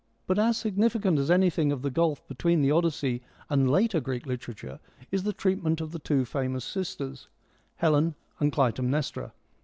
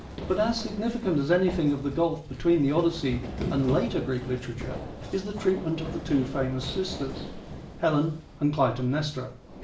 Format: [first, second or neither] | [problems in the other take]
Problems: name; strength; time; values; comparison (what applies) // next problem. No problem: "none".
first | background sound (Run); 10 dB below the speech // room echo; dies away in 0.4 s